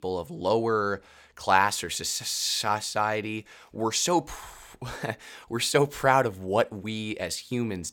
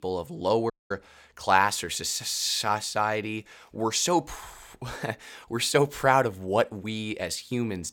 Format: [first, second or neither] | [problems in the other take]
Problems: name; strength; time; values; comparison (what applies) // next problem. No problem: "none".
first | audio cutting out; at 0.5 s